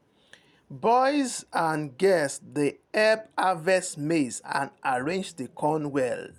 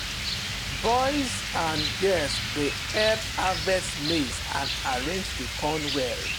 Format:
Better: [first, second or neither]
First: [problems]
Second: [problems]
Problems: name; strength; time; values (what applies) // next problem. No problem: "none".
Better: first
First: none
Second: background sound (Rain); 2 dB below the speech